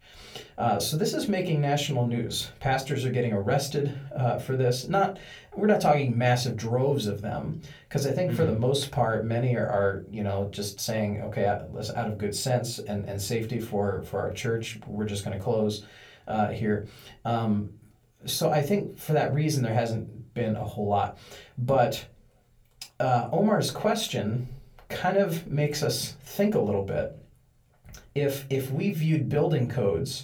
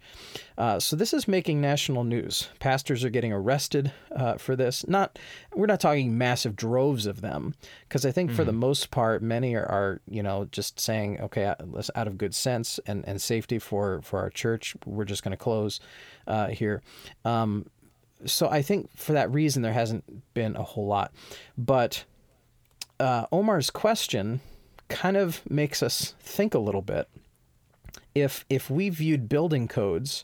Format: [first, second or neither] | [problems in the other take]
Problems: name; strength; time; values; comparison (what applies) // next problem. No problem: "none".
second | off-mic speech; somewhat distant // room echo; very slight; dies away in 0.2 s